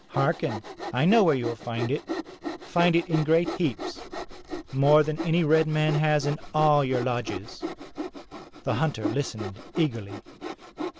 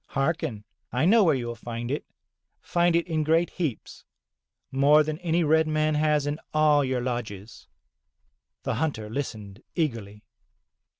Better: second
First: background sound (Sawing); 9 dB below the speech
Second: none

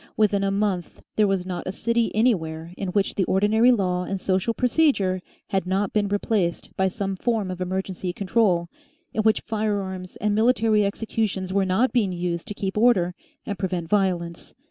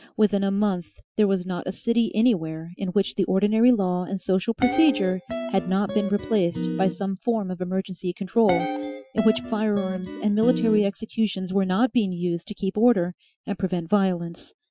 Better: first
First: none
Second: noise reduction (classical method Wiener filter)

